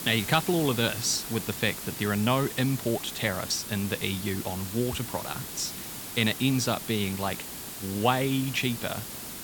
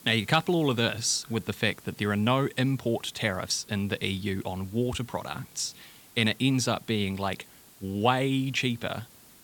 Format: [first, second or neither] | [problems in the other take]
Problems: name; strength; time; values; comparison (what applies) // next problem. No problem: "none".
second | hiss; loud; throughout; 8 dB below the speech; faint in the second